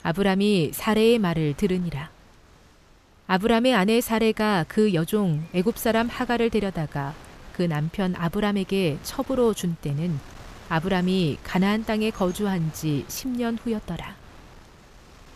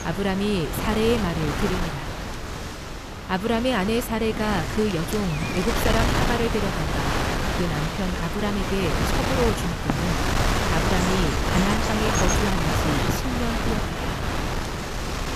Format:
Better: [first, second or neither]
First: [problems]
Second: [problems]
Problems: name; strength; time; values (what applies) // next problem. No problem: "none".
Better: first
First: wind noise on the microphone; occasional gusts; 20 dB below the speech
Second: wind noise on the microphone; heavy; 2 dB above the speech